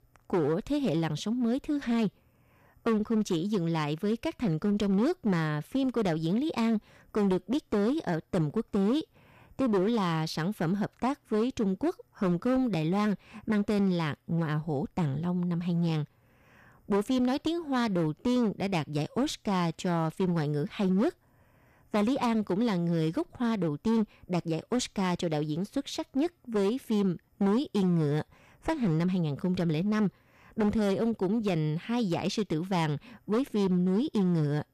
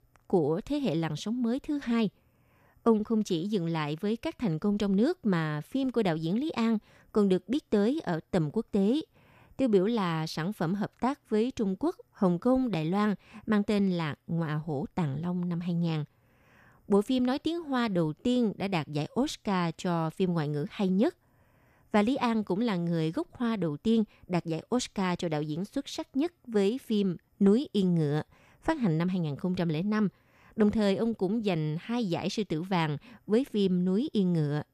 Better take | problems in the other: second | distortion; slight; 12% of the sound clipped

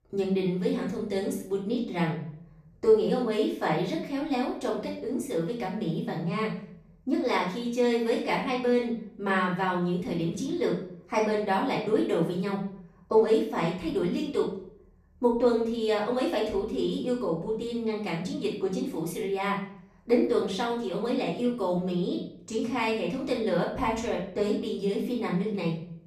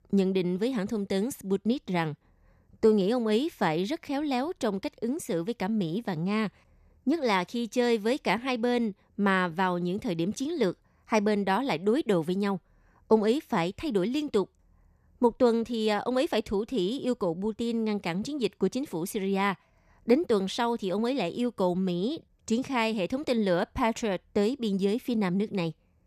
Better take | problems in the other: second | room echo; noticeable; dies away in 0.6 s // off-mic speech; far

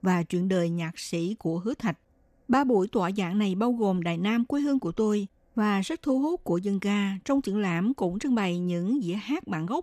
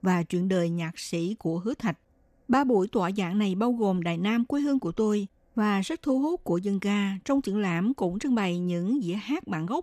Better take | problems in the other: neither | none

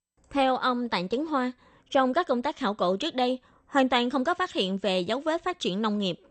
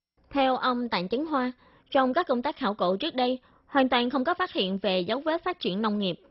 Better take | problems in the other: first | garbled, watery; badly; nothing above 4.5 kHz; slightly in the first

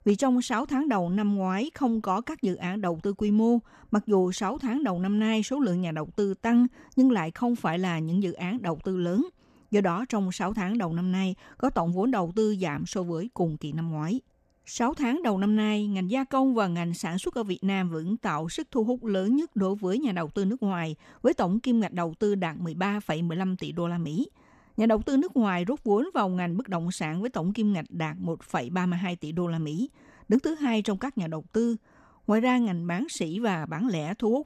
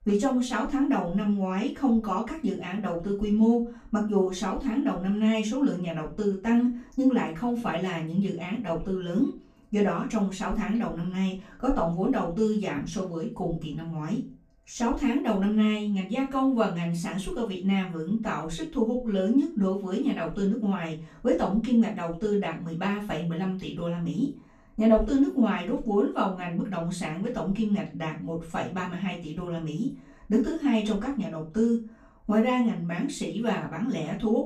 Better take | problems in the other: first | room echo; slight; dies away in 0.3 s // off-mic speech; far

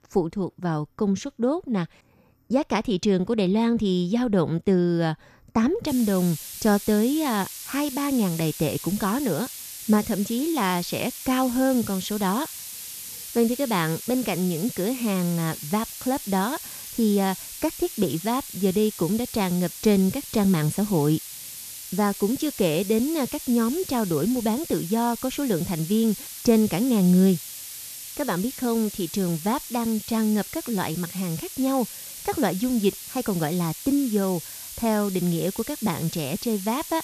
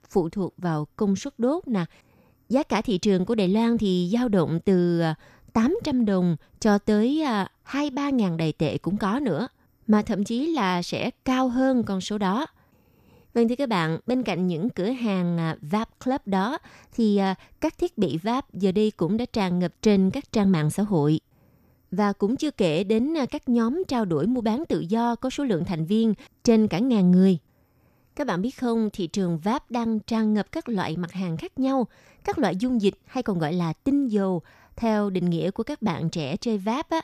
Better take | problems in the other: second | hiss; noticeable; from 6 s on; 10 dB below the speech

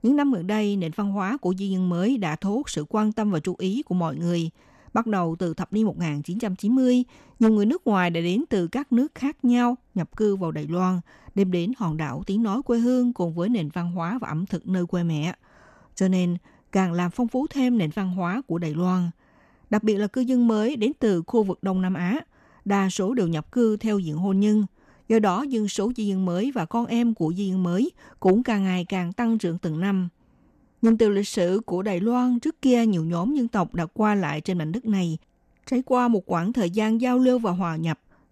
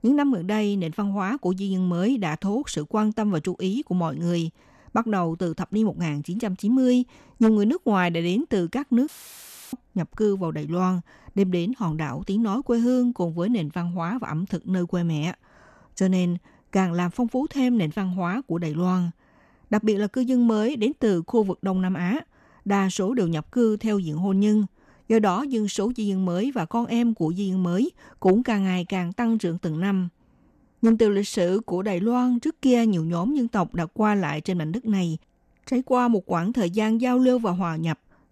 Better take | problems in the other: first | audio cutting out; filled with static; at 9 s for 0.5 s

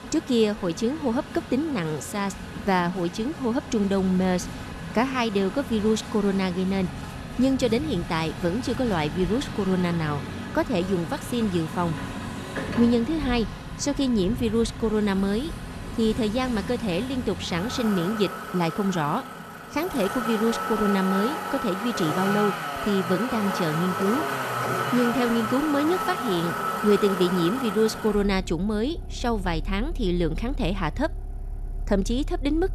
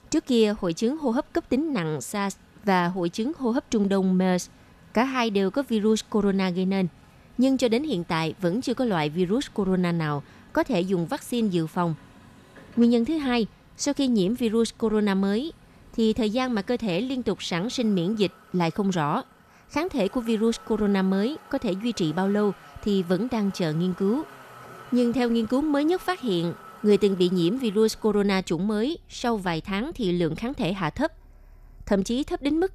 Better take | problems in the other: second | traffic noise; loud; throughout; 7 dB below the speech; faint in the second

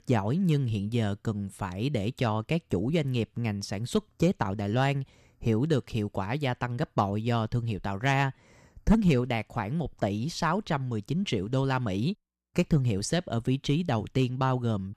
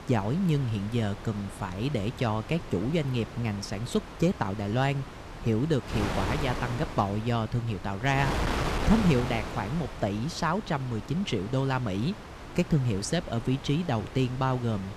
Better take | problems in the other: first | wind noise on the microphone; heavy; 6 dB below the speech

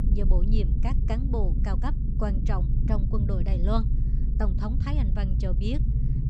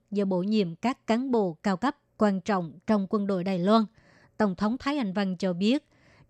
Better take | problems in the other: second | low rumble; loud; throughout; 5 dB below the speech

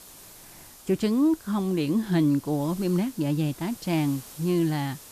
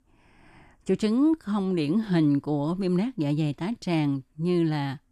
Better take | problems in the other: second | hiss; noticeable; throughout; 20 dB below the speech

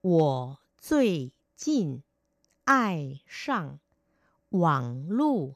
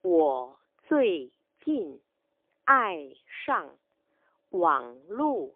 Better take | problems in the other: first | phone-call audio; poor line; nothing above 3 kHz

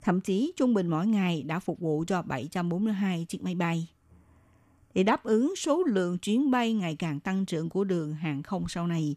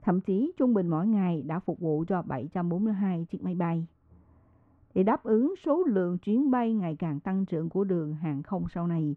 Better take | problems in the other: first | muffled; very; fading above 3.5 kHz

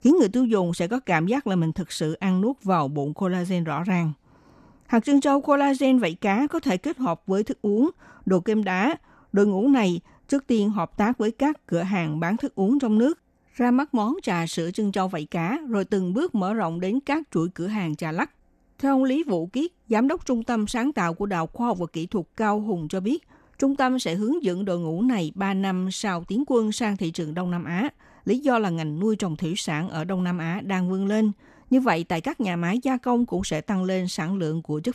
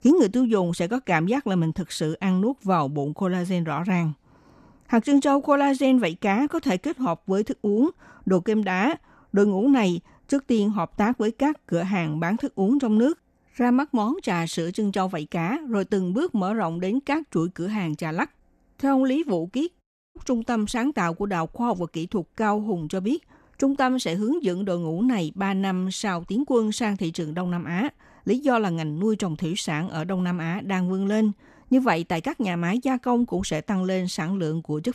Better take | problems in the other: first | audio cutting out; at 20 s

